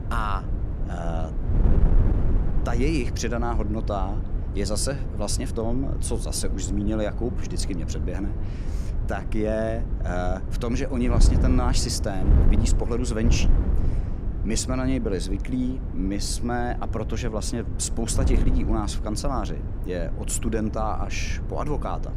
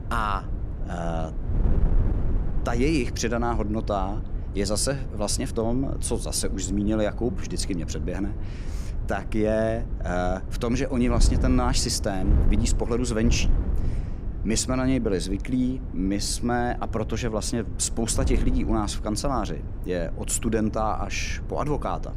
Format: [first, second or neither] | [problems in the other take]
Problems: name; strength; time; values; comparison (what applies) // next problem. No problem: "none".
second | wind noise on the microphone; heavy; 9 dB below the speech; occasional gusts in the second